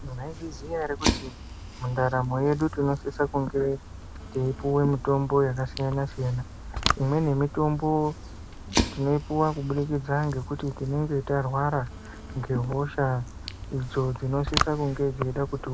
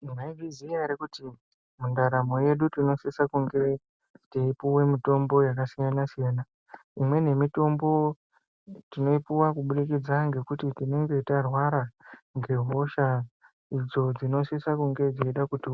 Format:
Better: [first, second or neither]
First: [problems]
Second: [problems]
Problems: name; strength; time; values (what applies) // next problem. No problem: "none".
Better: second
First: background sound (Fire); 7 dB below the speech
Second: none